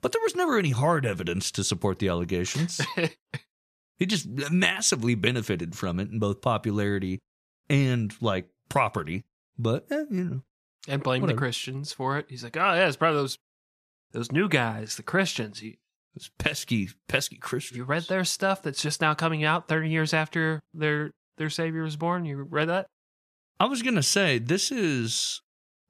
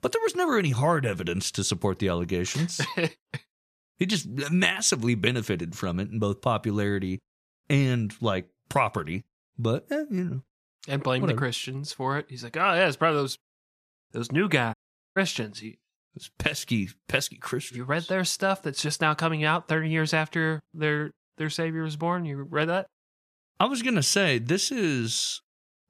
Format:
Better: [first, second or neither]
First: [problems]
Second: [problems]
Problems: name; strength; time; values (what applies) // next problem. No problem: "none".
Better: first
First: none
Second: audio cutting out; at 15 s